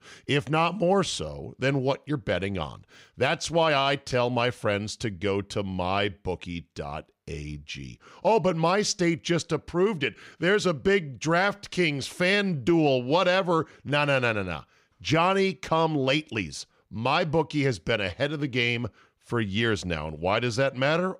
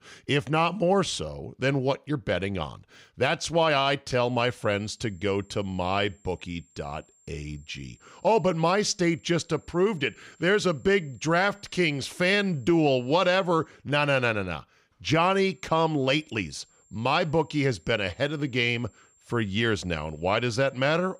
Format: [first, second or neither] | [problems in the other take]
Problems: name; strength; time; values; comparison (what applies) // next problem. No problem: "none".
first | high-pitched whine; faint; from 4.5 to 14 s and from 16 s on; 7.5 kHz, 35 dB below the speech